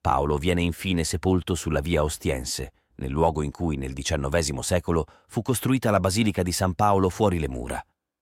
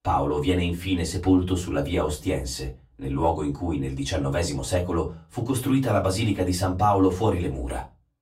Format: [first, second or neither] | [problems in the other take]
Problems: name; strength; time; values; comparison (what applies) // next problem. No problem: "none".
first | off-mic speech; far // room echo; very slight; dies away in 0.2 s